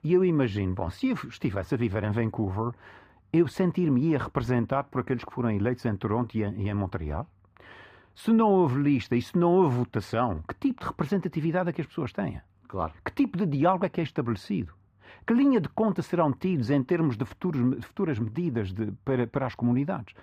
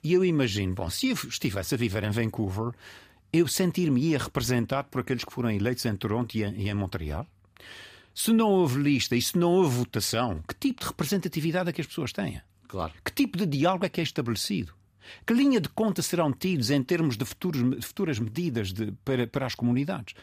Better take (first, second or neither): second